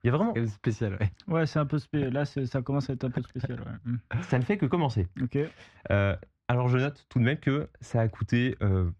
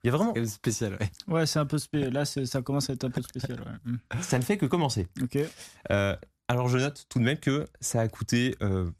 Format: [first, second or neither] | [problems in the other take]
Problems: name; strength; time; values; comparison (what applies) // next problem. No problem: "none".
second | muffled; slightly; fading above 2.5 kHz